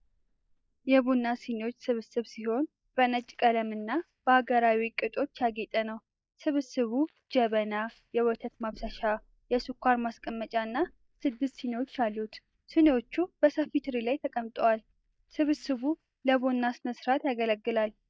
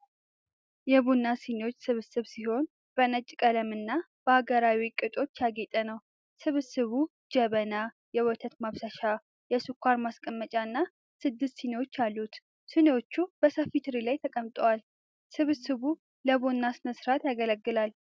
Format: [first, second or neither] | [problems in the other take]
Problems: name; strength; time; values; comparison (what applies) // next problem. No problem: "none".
second | noise reduction (neural mask model DeepFilterNet 3)